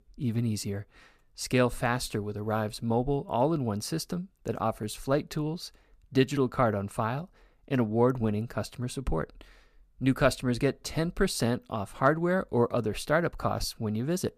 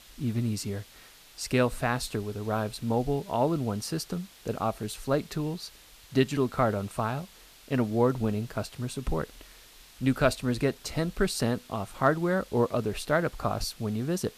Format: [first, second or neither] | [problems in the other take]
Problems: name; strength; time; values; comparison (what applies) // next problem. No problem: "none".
first | hiss; faint; throughout; 20 dB below the speech